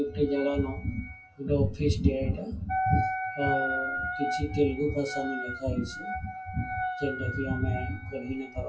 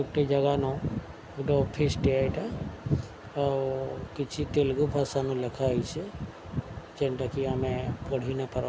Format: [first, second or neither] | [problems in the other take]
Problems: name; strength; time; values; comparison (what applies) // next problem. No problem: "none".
second | noise reduction (classical method WPE with log-MMSE)